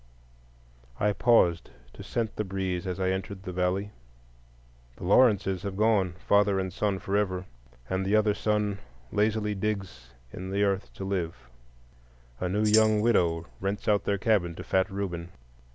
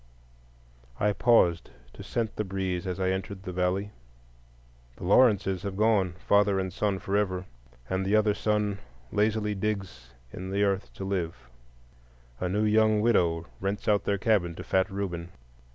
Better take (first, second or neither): second